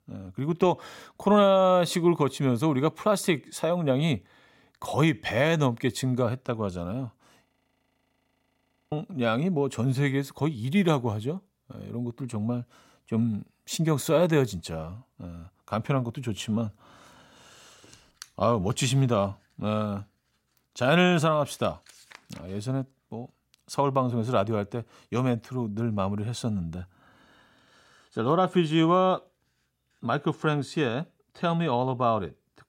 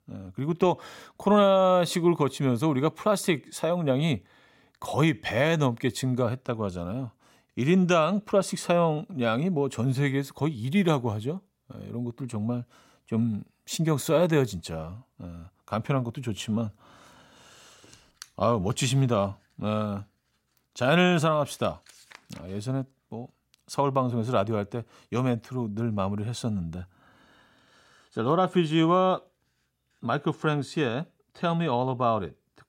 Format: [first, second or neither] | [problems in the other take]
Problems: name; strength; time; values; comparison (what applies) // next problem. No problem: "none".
second | audio freezing; at 7.5 s for 1.5 s